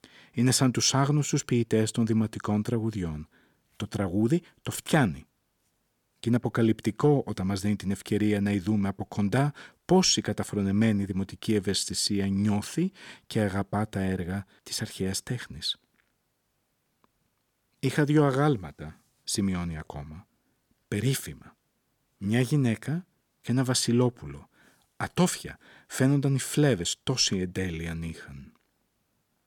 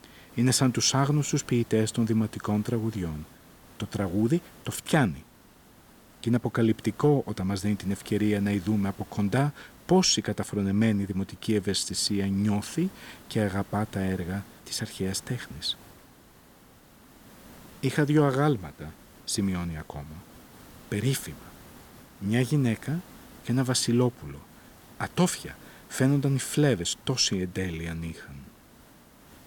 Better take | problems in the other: first | hiss; faint; throughout; 25 dB below the speech

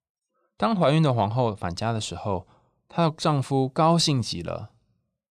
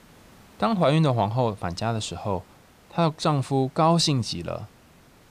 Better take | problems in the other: first | hiss; faint; throughout; 30 dB below the speech

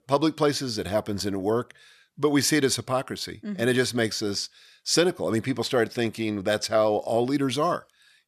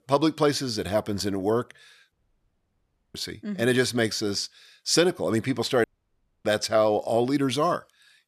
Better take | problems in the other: first | audio cutting out; at 2 s for 1 s and at 6 s for 0.5 s

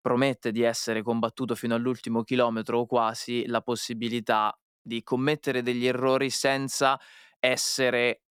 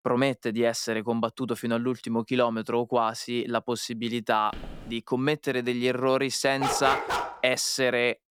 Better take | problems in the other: first | footsteps; faint; at 4.5 s; peak 15 dB below the speech // dog barking; noticeable; at 6.5 s; peak 1 dB below the speech

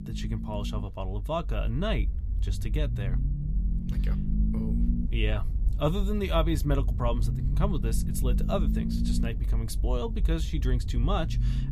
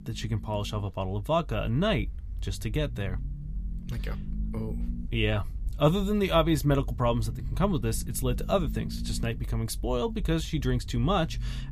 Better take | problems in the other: second | low rumble; loud; throughout; 9 dB below the speech; faint in the second

